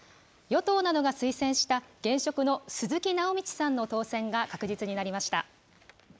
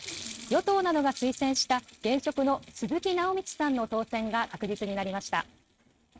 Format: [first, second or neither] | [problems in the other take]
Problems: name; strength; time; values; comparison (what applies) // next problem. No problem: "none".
first | noise reduction (neural mask model RNNoise)